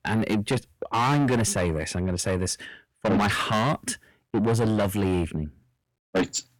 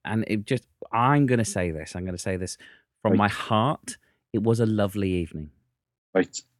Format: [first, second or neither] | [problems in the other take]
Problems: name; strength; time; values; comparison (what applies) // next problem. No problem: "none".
second | distortion; heavy; 5 dB below the speech